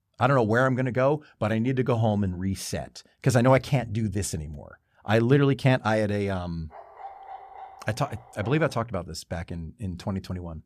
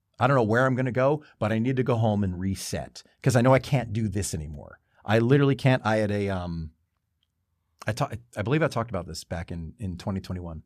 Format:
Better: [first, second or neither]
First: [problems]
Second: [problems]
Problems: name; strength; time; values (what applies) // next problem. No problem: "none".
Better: second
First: dog barking; faint; from 6.5 to 9 s; peak 15 dB below the speech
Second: none